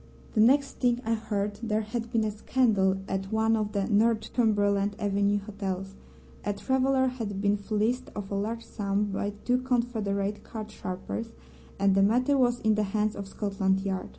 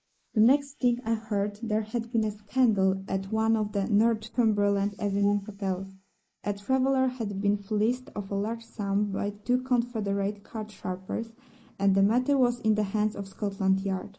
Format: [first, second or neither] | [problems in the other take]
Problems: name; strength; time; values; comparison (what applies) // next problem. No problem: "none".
first | noise reduction (neural mask model Resemble Enhance denoiser)